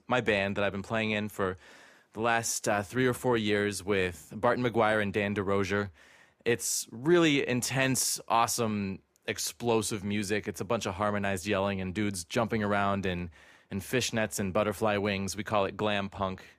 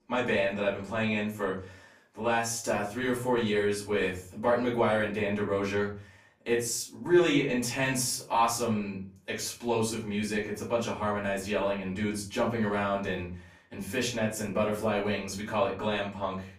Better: first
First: none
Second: off-mic speech; far // room echo; slight; dies away in 0.3 s

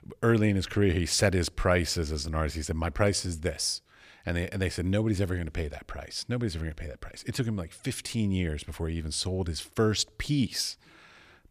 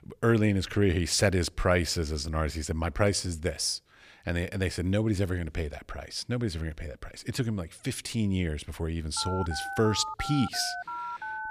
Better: first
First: none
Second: phone ringing; noticeable; from 9 s on; peak 7 dB below the speech

